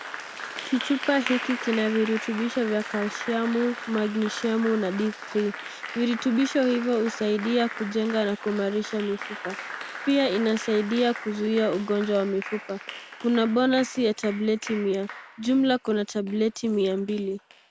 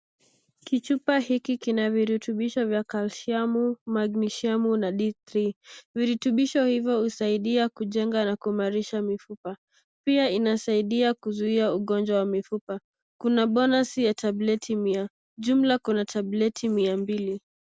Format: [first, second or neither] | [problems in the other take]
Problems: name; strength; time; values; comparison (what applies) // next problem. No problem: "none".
second | background sound (Applause); 12 dB below the speech